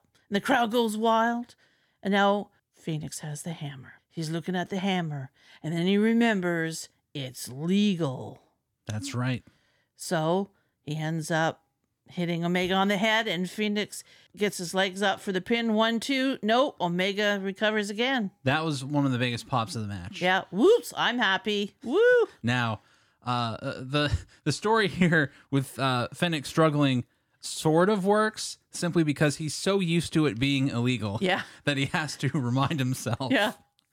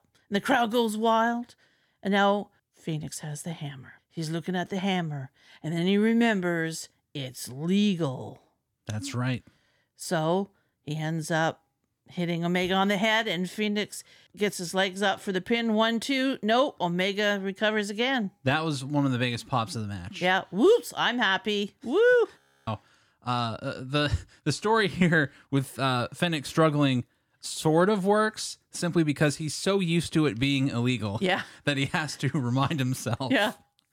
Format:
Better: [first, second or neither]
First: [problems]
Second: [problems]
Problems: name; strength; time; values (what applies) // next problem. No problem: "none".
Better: first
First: none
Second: audio freezing; at 22 s